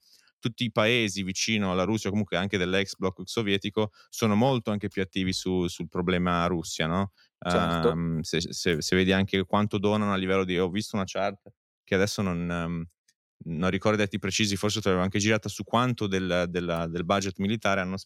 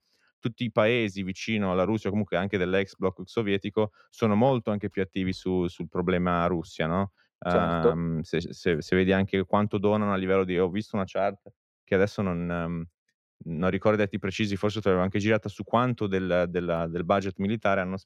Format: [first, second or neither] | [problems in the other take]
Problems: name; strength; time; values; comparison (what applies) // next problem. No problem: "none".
first | muffled; slightly; fading above 4 kHz